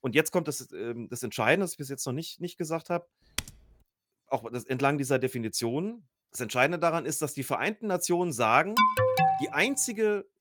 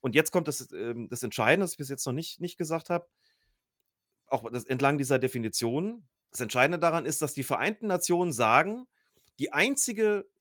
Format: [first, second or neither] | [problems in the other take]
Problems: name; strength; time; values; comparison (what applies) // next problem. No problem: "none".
second | keyboard typing; very faint; at 3.5 s; peak 8 dB below the speech // alarm; loud; at 9 s; peak 6 dB above the speech